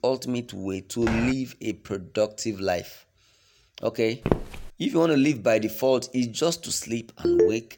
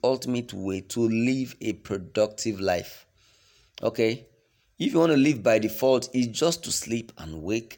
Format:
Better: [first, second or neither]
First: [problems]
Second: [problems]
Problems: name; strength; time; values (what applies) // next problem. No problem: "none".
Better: second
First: footsteps; noticeable; at 1 s and at 4.5 s; peak 1 dB below the speech // phone ringing; loud; at 7 s; peak 5 dB above the speech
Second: none